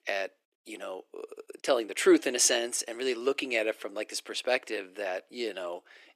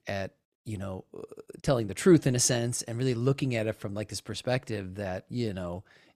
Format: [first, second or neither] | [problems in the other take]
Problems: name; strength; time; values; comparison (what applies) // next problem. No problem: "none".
second | thin; very; fading below 350 Hz